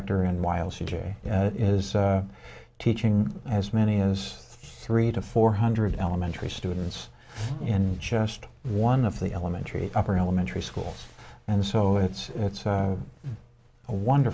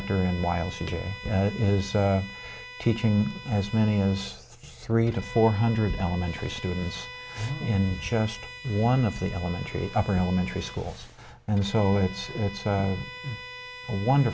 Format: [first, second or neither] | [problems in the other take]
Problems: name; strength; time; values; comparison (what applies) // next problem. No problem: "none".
first | background sound (Bowed string instrument); 16 dB below the speech